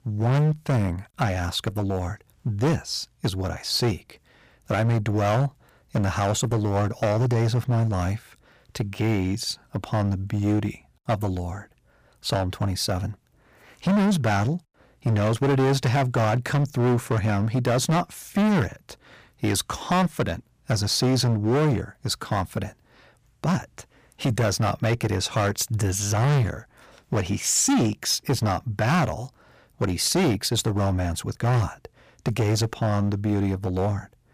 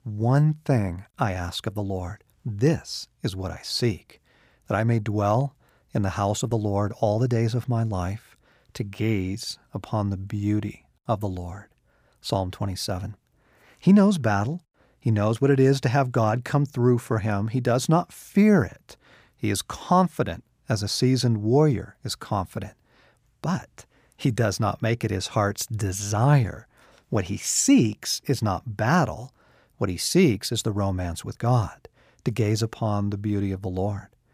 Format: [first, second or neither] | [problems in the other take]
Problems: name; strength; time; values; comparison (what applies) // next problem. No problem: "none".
second | distortion; heavy; 12% of the sound clipped